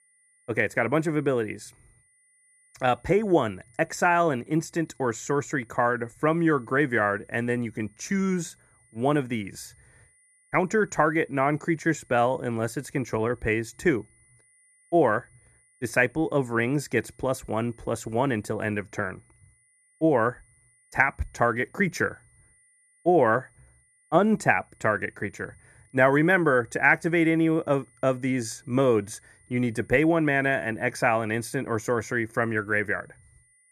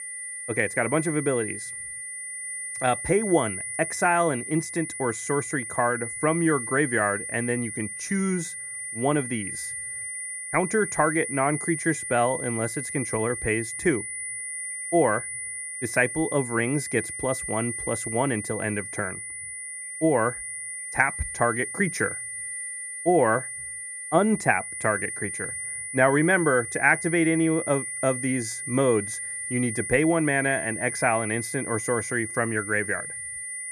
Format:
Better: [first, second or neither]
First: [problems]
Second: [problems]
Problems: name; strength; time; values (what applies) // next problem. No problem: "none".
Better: first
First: high-pitched whine; faint; throughout; 2 kHz, 35 dB below the speech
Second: high-pitched whine; loud; throughout; 2 kHz, 6 dB below the speech